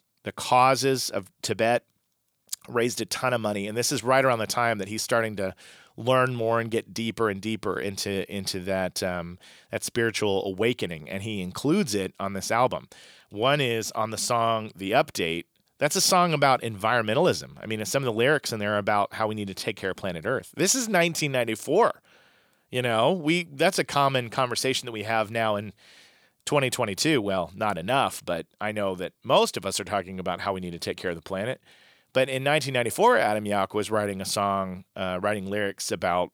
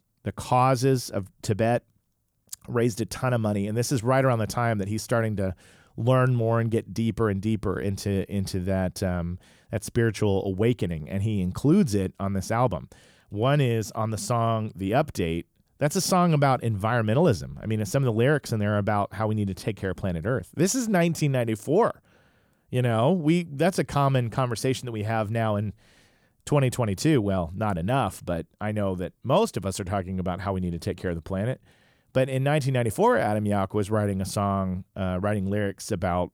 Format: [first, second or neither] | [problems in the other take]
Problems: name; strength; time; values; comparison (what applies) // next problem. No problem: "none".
second | thin; somewhat; fading below 550 Hz